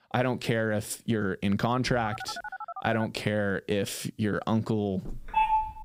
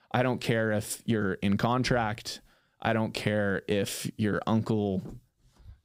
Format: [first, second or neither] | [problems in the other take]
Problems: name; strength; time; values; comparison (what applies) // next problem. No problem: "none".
second | phone ringing; noticeable; from 2 to 3 s; peak 9 dB below the speech // phone ringing; loud; at 5 s; peak 4 dB above the speech